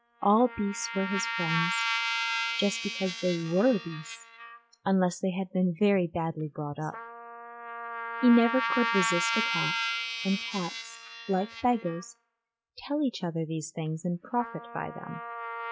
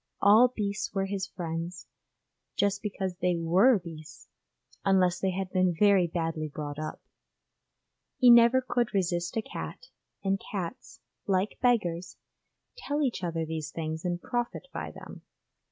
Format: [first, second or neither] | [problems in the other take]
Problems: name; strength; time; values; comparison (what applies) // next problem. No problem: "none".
second | noise reduction (classical method log-MMSE)